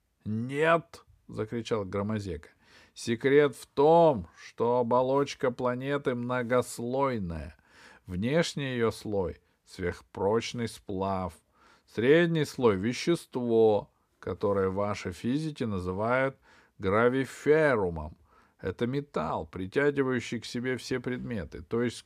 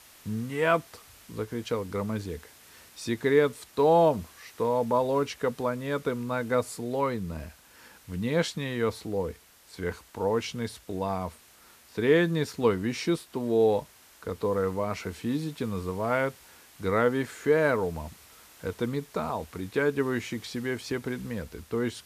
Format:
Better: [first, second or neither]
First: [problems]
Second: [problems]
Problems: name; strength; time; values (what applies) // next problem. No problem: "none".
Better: first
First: none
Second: hiss; faint; throughout; 25 dB below the speech